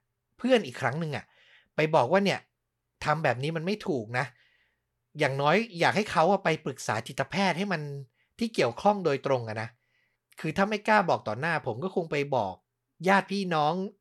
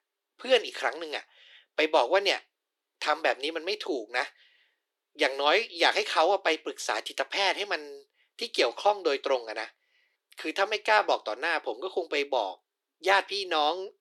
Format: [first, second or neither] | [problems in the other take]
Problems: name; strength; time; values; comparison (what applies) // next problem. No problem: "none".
first | thin; very; fading below 300 Hz